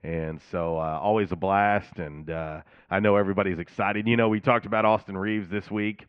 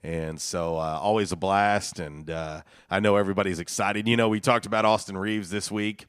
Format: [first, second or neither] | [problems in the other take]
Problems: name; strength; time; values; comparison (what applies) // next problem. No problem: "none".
second | muffled; very; fading above 2.5 kHz